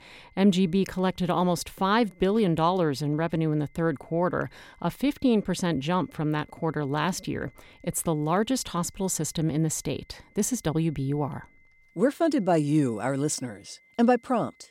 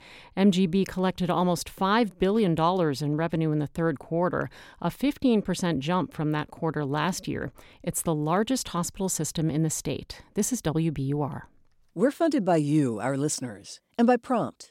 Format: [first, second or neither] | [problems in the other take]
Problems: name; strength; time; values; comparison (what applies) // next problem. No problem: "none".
second | high-pitched whine; faint; throughout; 2 kHz, 35 dB below the speech